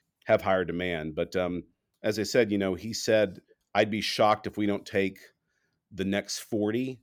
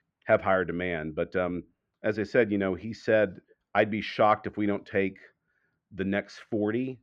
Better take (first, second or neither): first